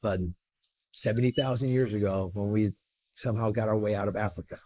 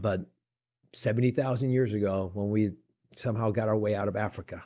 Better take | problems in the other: second | noise reduction (neural mask model Resemble Enhance denoiser)

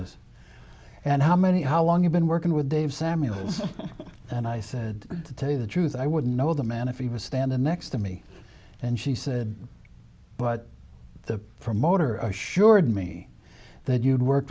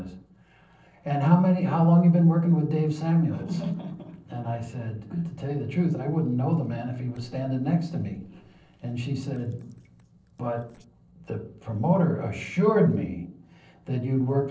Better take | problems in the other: first | noise reduction (neural separator model SepFormer DNS4)

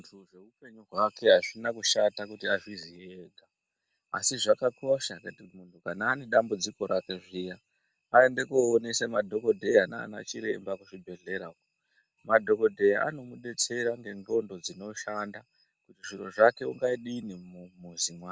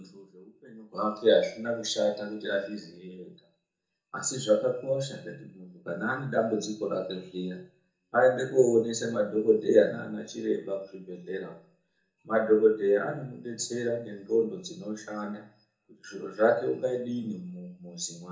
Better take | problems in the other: first | room echo; dies away in 0.6 s

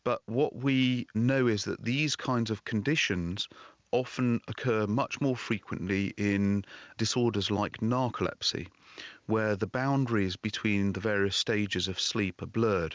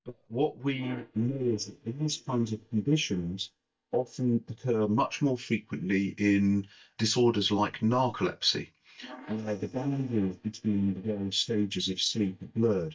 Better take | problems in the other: first | noise reduction (neural mask model DeepFilterNet 3)

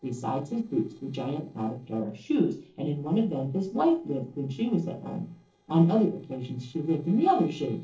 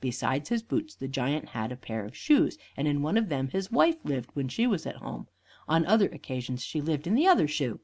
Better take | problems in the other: second | noise reduction (neural separator model SepFormer DNS4)

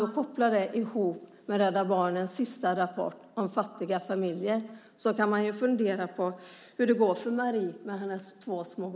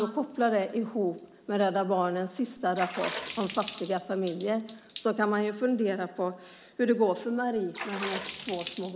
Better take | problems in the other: first | background sound (Water / Splash, splatter); 14 dB below the speech

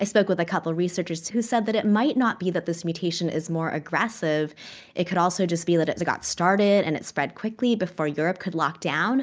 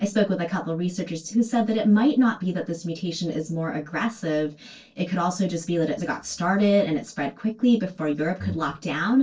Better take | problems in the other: first | noise reduction (neural separator model SepFormer DNS4)

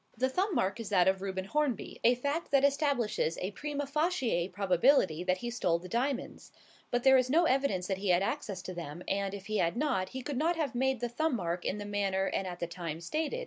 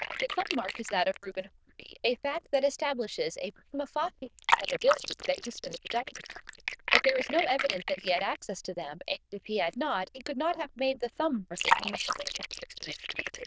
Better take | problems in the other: first | noise reduction (neural diffusion model UNIVERSE++)

